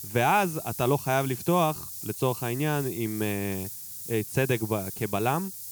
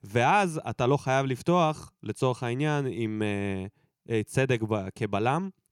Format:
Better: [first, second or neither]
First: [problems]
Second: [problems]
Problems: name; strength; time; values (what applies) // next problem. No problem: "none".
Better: second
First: hiss; loud; throughout; 8 dB below the speech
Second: none